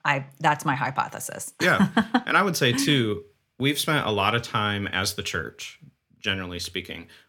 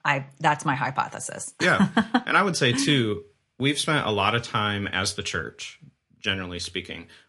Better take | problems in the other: first | garbled, watery; slightly; nothing above 11 kHz

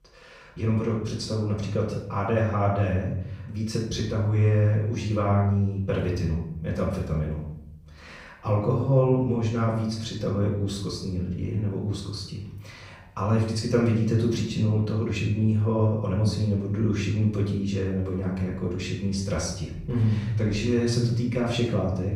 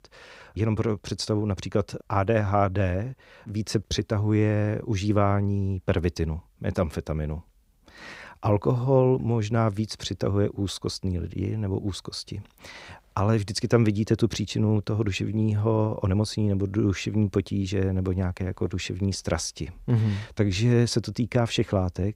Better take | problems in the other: second | off-mic speech; far // room echo; noticeable; dies away in 0.7 s

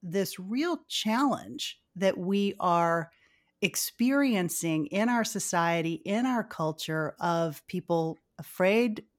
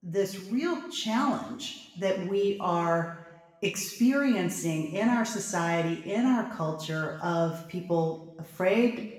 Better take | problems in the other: first | room echo; noticeable; dies away in 1 s // off-mic speech; far

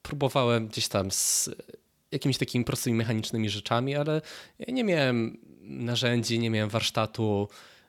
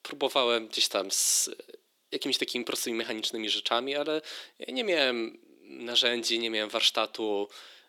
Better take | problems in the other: first | thin; somewhat; fading below 300 Hz

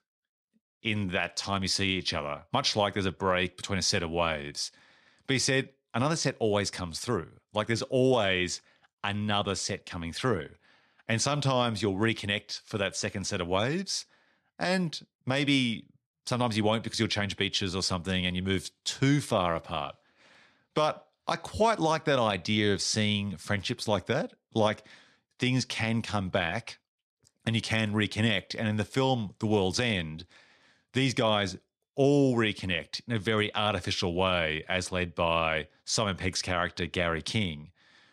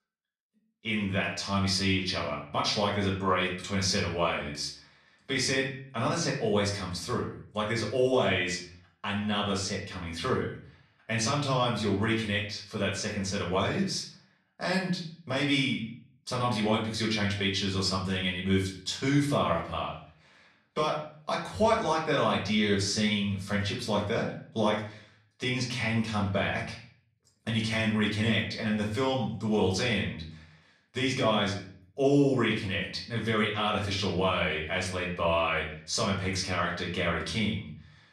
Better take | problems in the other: first | off-mic speech; far // room echo; slight; dies away in 0.5 s

